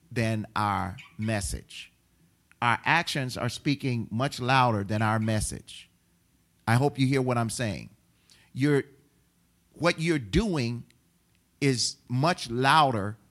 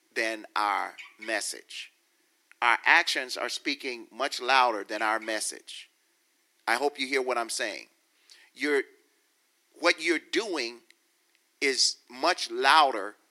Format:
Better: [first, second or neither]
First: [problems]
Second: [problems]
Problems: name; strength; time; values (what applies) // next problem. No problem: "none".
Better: first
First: none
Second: thin; very; fading below 350 Hz